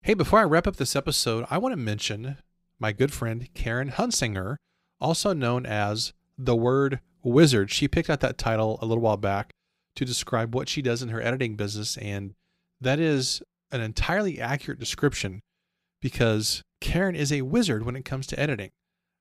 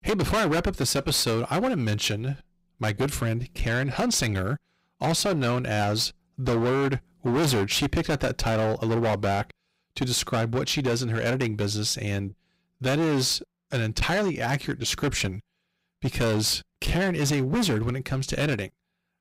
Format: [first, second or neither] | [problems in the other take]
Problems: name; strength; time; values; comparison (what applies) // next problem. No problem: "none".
first | distortion; heavy; 18% of the sound clipped